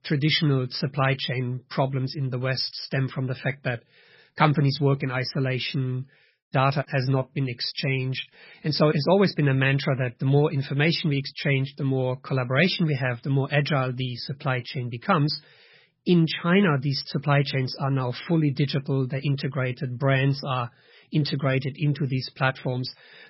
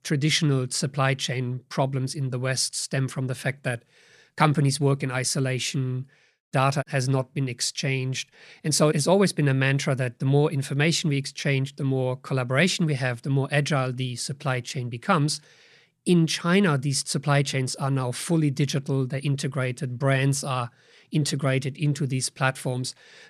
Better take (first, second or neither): second